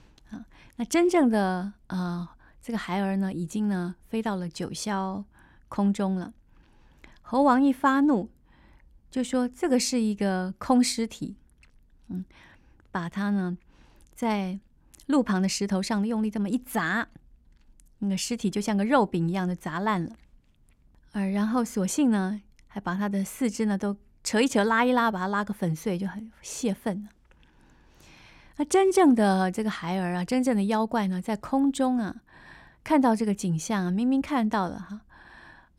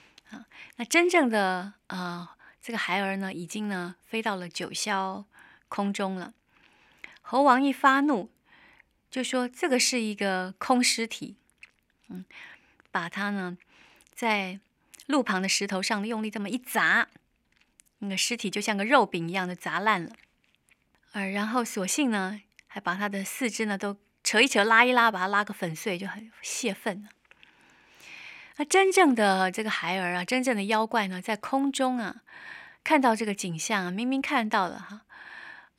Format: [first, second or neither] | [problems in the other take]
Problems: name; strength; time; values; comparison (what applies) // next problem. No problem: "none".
first | thin; very slightly; fading below 500 Hz